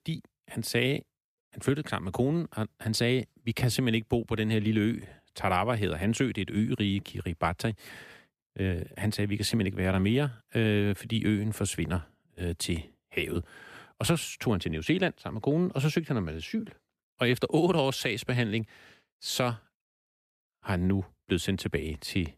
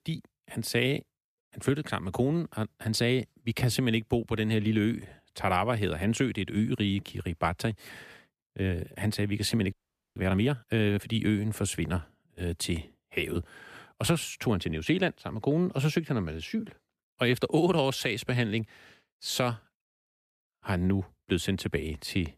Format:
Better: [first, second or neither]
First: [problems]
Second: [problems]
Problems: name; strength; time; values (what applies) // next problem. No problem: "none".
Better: first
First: none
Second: audio freezing; at 9.5 s